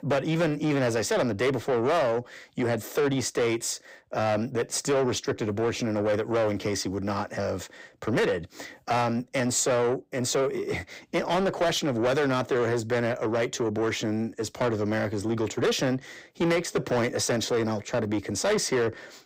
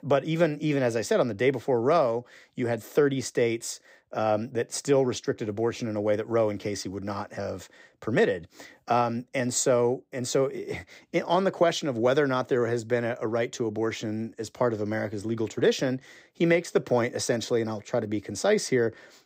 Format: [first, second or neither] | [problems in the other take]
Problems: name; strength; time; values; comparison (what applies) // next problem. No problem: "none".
second | distortion; heavy; 8 dB below the speech